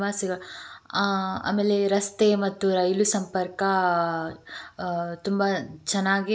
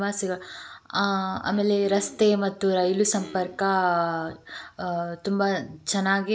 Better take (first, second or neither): first